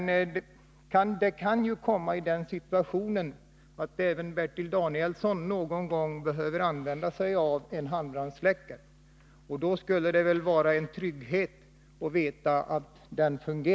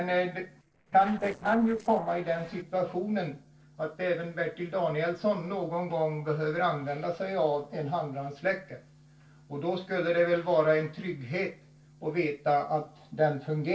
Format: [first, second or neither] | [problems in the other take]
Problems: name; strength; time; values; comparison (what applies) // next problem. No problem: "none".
first | noise reduction (neural separator model SepFormer DNS4)